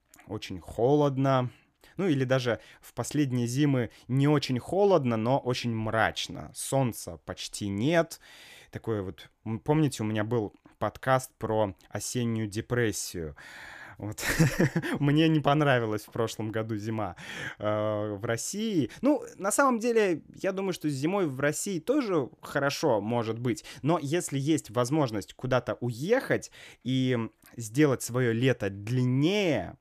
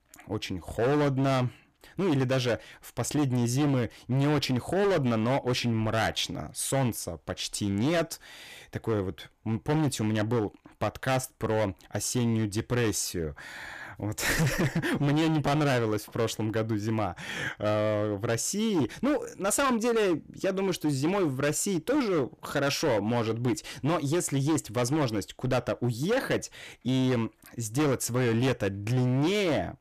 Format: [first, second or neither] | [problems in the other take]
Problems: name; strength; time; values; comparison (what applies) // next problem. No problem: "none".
first | distortion; heavy; 15% of the sound clipped